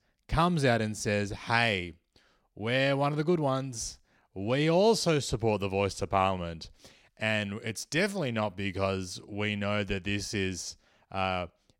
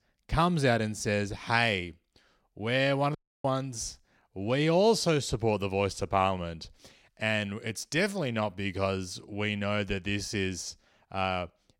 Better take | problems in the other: first | audio cutting out; at 3 s

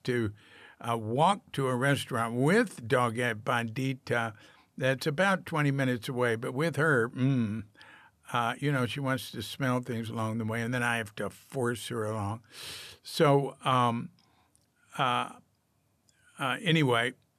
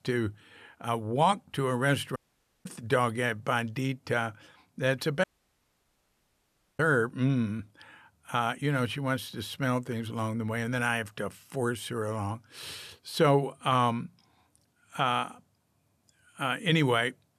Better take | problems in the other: first | audio cutting out; at 2 s and at 5 s for 1.5 s

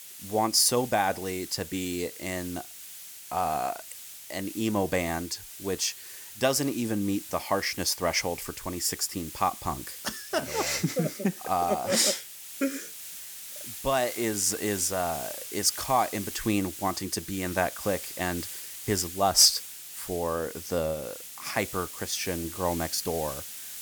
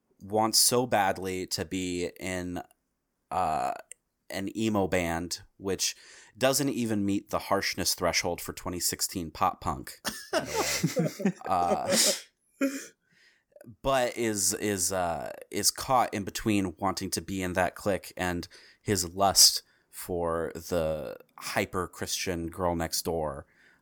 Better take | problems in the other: second | hiss; noticeable; throughout; 10 dB below the speech

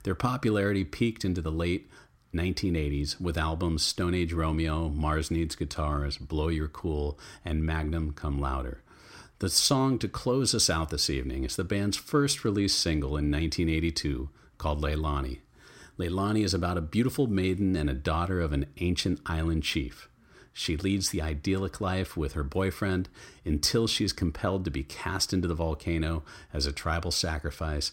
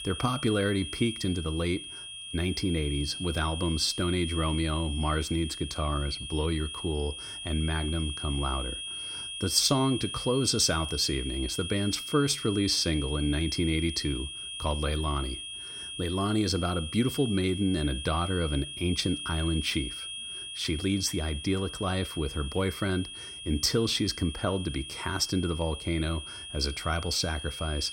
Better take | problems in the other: first | high-pitched whine; loud; throughout; 3 kHz, 7 dB below the speech

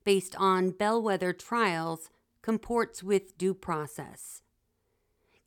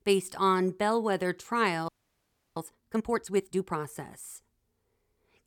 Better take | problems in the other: first | audio freezing; at 2 s for 0.5 s

